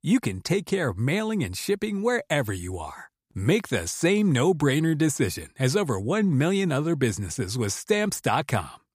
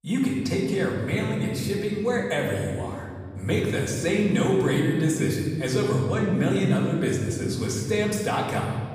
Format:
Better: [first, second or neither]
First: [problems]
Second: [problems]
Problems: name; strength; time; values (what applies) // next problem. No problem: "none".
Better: first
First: none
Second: off-mic speech; far // room echo; noticeable; dies away in 2 s